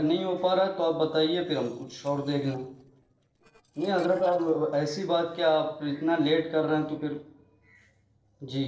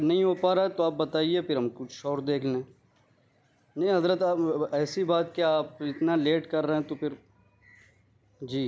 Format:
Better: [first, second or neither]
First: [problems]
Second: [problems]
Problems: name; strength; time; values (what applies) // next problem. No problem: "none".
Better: second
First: noise reduction (neural separator model SepFormer DNS4)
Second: none